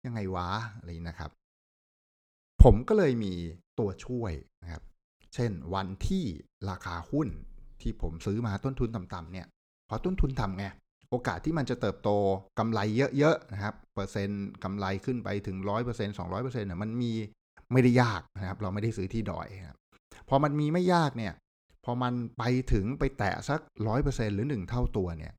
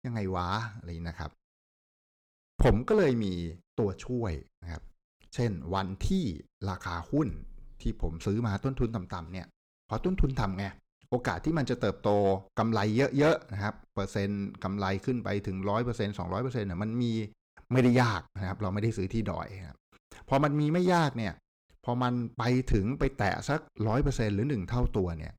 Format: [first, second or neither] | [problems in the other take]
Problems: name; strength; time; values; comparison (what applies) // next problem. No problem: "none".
first | distortion; heavy; 1.9% of the sound clipped